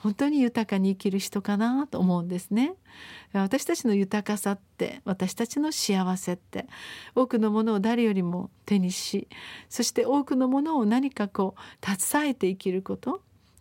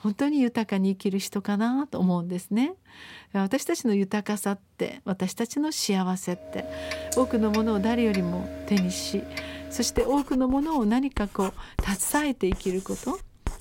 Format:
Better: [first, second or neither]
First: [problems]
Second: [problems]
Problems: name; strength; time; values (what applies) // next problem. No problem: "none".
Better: first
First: none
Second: household noises; noticeable; from 6.5 s on; 10 dB below the speech